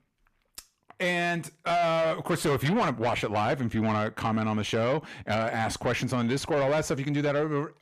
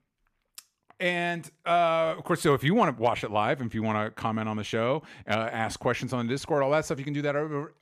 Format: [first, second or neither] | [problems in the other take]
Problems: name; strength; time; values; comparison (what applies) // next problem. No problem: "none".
second | distortion; heavy; 7 dB below the speech